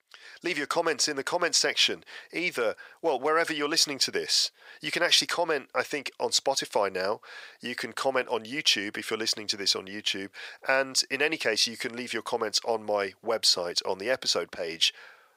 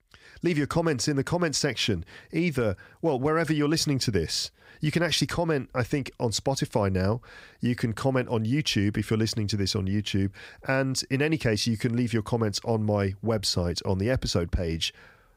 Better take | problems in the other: second | thin; very; fading below 600 Hz

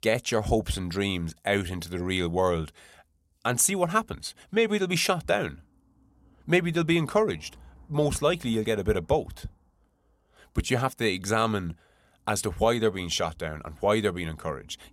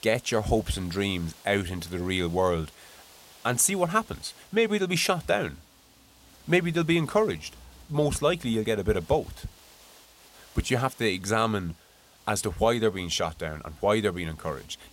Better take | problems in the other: first | hiss; faint; throughout; 25 dB below the speech

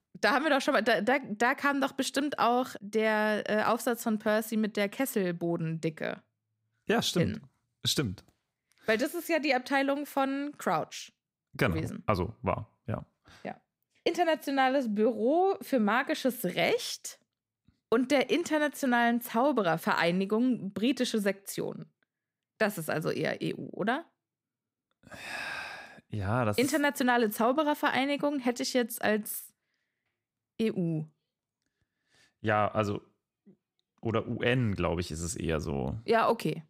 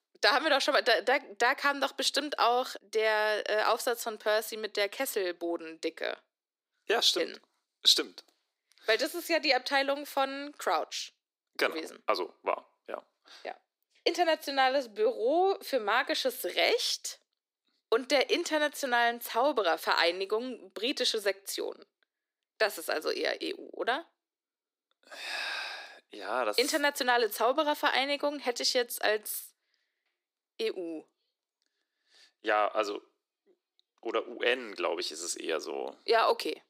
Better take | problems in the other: first | thin; somewhat; fading below 350 Hz

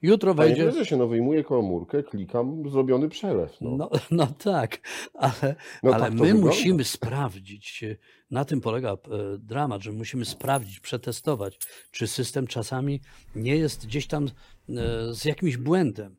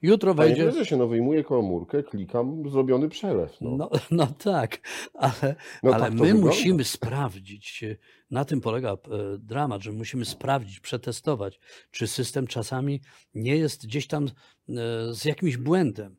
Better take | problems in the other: second | jangling keys; faint; from 10 to 12 s; peak 10 dB below the speech // door banging; faint; from 13 to 15 s; peak 10 dB below the speech

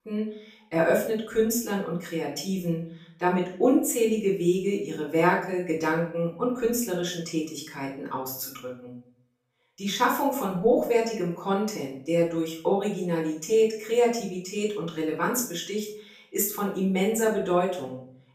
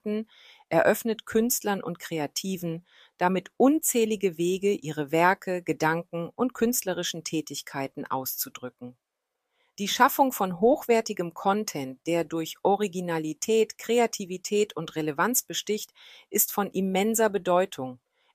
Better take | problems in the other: second | room echo; noticeable; dies away in 0.5 s // off-mic speech; far

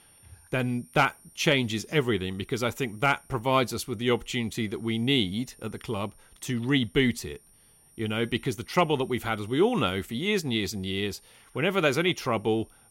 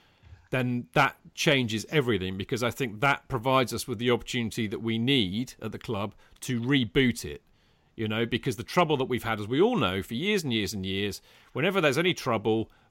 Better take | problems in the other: second | high-pitched whine; faint; throughout; 9 kHz, 30 dB below the speech

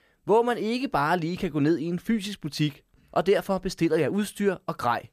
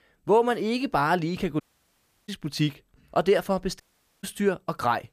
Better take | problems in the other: first | audio cutting out; at 1.5 s for 0.5 s and at 4 s

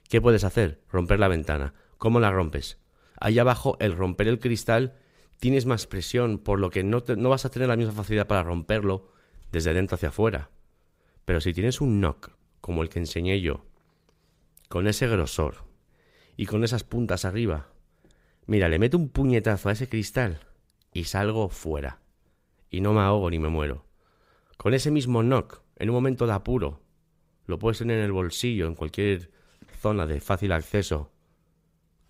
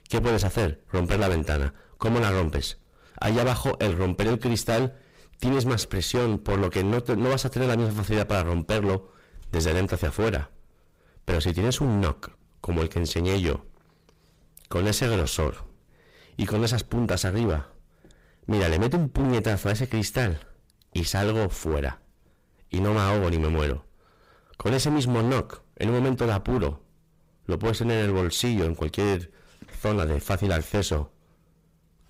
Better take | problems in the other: first | distortion; heavy; 17% of the sound clipped

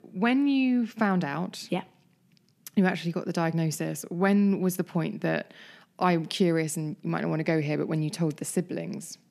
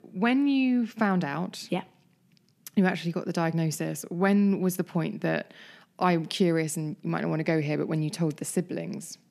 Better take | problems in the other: neither | none

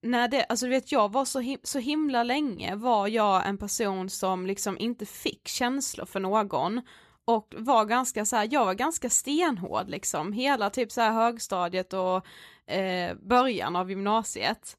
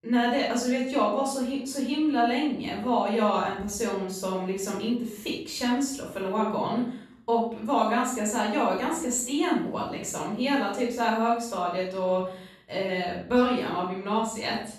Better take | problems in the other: first | off-mic speech; far // room echo; noticeable; dies away in 0.5 s

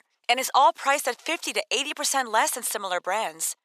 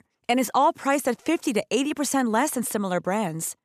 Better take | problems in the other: second | thin; very; fading below 750 Hz

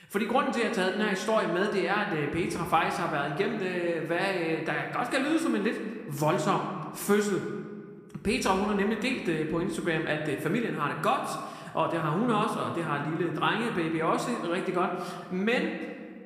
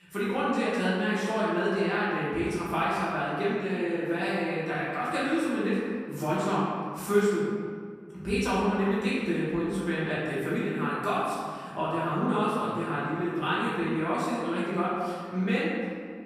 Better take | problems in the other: first | room echo; strong; dies away in 1.8 s; slight in the first // off-mic speech; far

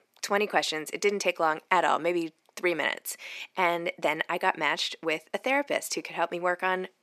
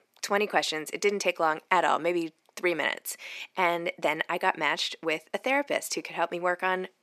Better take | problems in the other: neither | thin; somewhat; fading below 300 Hz; the same in both

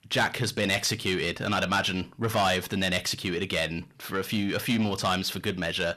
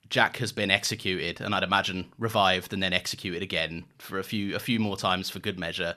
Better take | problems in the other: second | distortion; heavy; 8 dB below the speech

